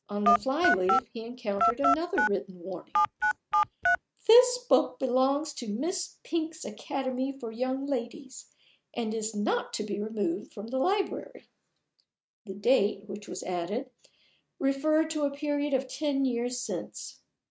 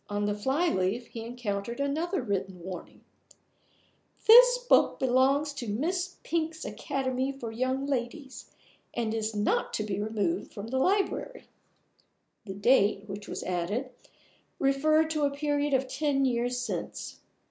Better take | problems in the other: second | noise reduction (neural mask model RNNoise)

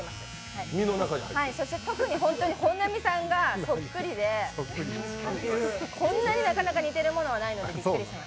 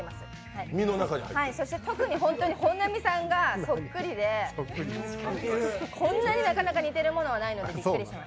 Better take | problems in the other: second | background sound (Domestic sounds, home sounds); 17 dB below the speech

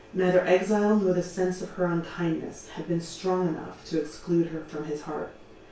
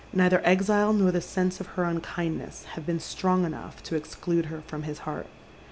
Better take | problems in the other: second | room echo; dies away in 0.3 s

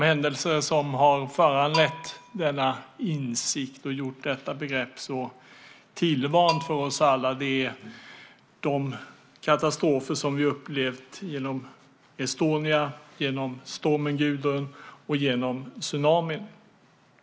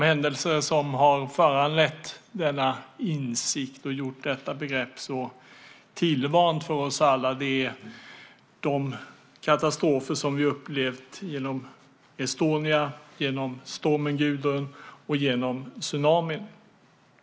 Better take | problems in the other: second | background sound (Bell); 13 dB below the speech

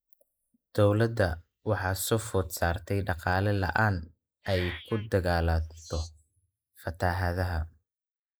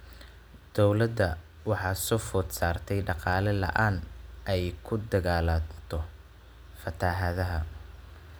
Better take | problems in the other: second | noise reduction (neural mask model Resemble Enhance denoiser)

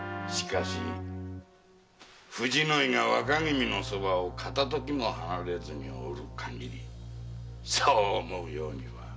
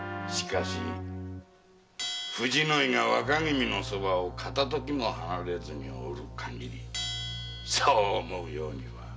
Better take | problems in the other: first | background sound (Bell); 14 dB below the speech

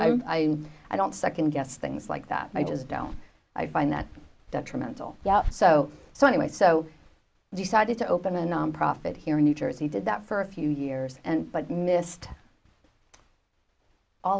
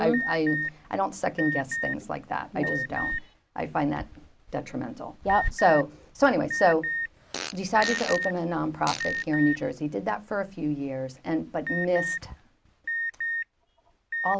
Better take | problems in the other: first | background sound (Fart + Alarm); 6 dB below the speech

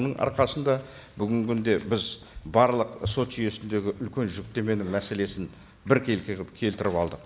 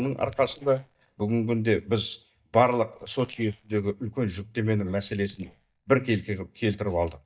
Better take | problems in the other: first | noise reduction (neural mask model DeepFilterNet 3)

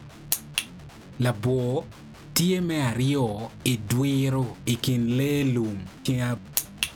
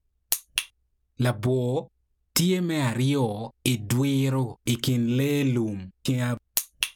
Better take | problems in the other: second | background sound (Guitar); 18 dB below the speech

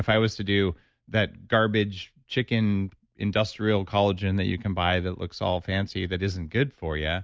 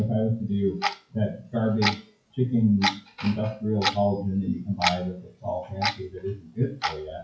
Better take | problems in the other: first | noise reduction (classical method WPE with log-MMSE)

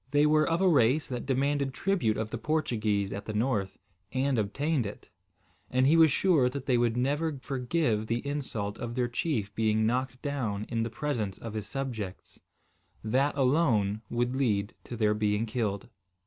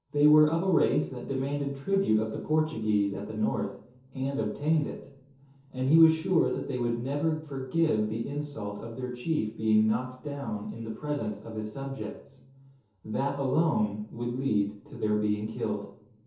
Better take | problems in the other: first | room echo; dies away in 0.6 s

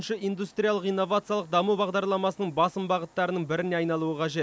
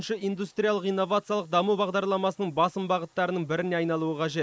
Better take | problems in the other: first | noise reduction (neural mask model Resemble Enhance denoiser)

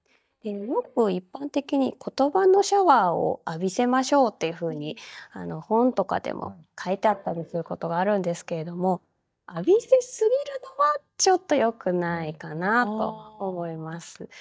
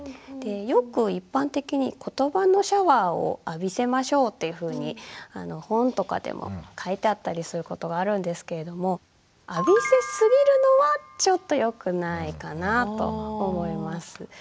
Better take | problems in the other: second | noise reduction (neural mask model DeepFilterNet 3)

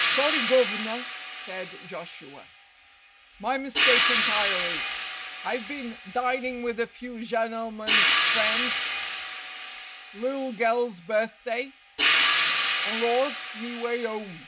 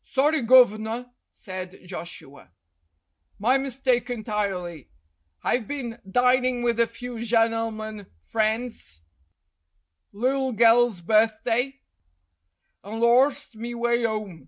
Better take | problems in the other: second | background sound (Hi-hat); 2 dB above the speech

